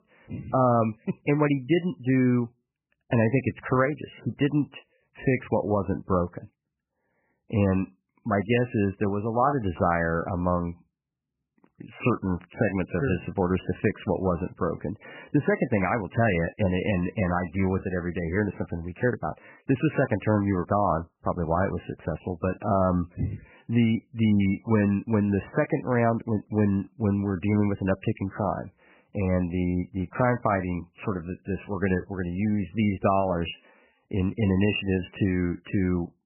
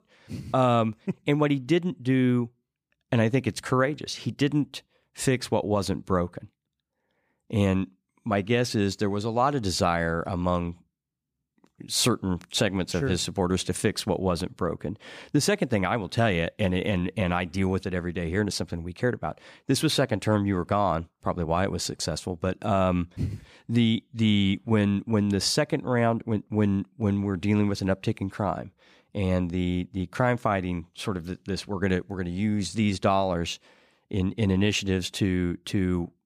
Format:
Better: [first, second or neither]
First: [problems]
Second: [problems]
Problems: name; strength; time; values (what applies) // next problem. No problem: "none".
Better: second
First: garbled, watery; badly; nothing above 3 kHz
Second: none